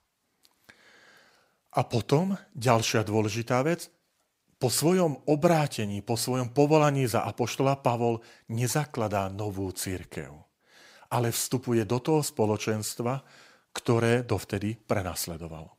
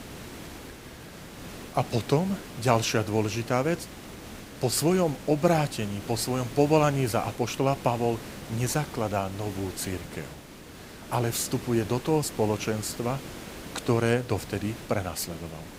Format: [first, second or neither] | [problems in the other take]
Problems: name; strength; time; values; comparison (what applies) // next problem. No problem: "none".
first | hiss; noticeable; throughout; 15 dB below the speech